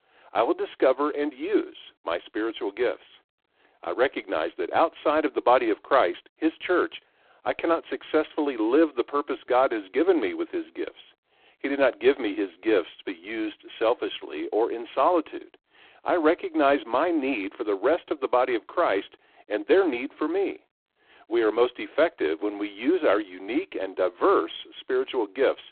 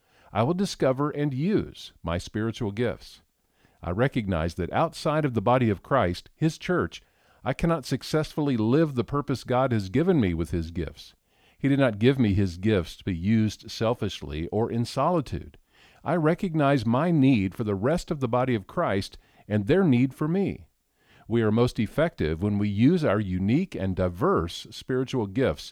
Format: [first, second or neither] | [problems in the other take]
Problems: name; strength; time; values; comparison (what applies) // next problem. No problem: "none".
second | phone-call audio; poor line